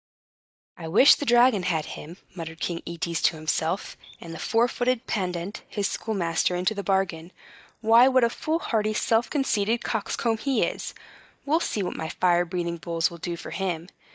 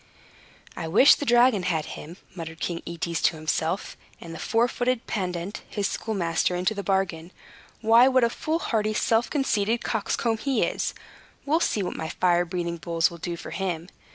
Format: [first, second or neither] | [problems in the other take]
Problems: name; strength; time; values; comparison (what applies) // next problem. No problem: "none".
second | noise reduction (neural mask model DeepFilterNet 3)